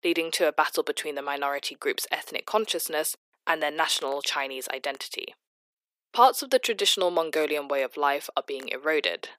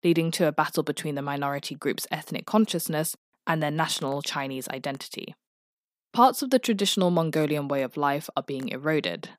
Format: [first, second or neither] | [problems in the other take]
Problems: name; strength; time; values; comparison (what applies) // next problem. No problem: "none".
second | thin; very; fading below 400 Hz